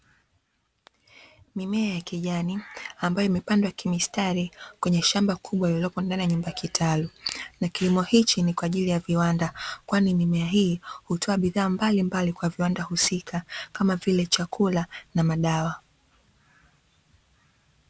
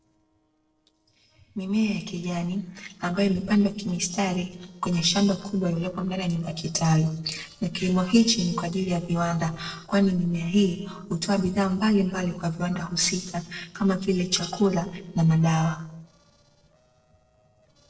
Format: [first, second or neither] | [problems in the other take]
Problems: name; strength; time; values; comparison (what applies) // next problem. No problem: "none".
first | noise reduction (neural separator model SepFormer DNS4)